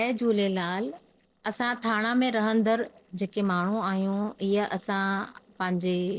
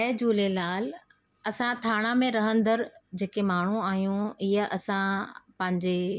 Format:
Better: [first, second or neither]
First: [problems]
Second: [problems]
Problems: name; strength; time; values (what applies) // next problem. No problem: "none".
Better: second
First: noise reduction (neural separator model SepFormer DNS4)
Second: none